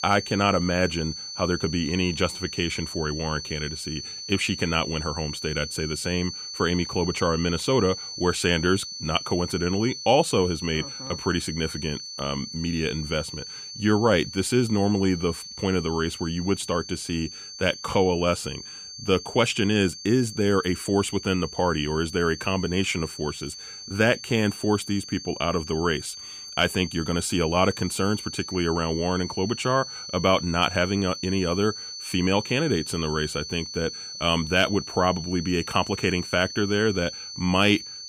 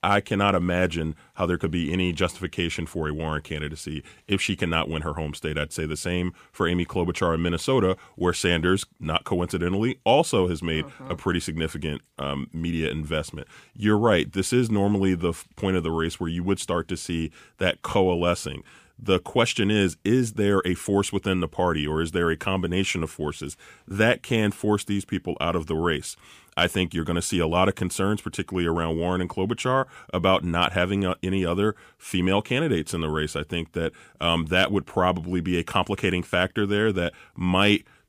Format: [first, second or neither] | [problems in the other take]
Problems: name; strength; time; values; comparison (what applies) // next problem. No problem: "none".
second | high-pitched whine; loud; throughout; 4.5 kHz, 10 dB below the speech